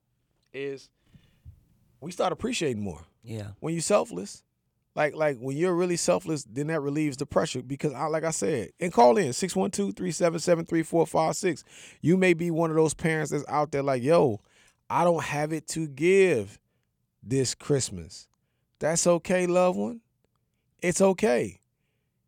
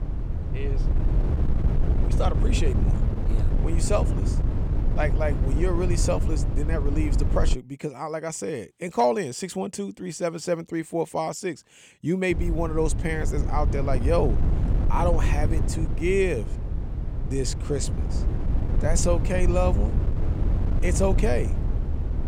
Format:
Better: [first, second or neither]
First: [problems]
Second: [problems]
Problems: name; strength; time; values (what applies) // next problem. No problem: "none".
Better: first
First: none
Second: wind noise on the microphone; heavy; until 7.5 s and from 12 s on; 10 dB below the speech